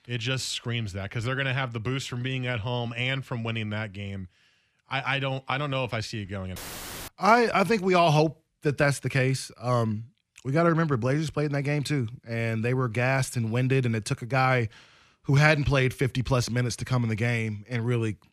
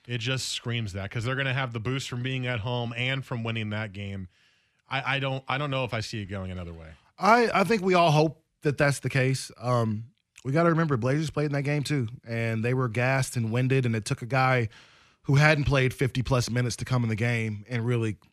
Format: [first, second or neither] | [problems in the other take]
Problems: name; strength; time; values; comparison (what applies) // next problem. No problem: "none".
second | audio cutting out; filled with static; at 6.5 s for 0.5 s